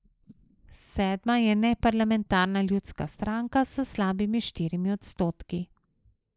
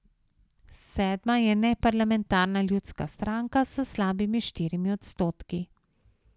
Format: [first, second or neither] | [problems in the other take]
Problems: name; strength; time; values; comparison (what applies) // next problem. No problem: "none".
second | noise reduction (neural mask model Resemble Enhance denoiser)